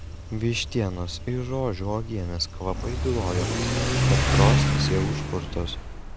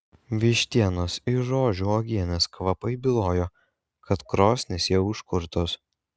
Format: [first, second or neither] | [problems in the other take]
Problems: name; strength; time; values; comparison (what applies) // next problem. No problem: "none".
second | background sound (Accelerating, revving, vroom / Car); 3 dB above the speech